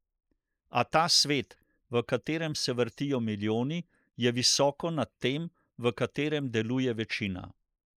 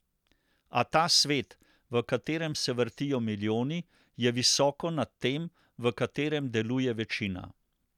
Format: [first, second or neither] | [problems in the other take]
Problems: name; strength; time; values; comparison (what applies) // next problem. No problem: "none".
second | noise reduction (neural mask model Resemble Enhance denoiser)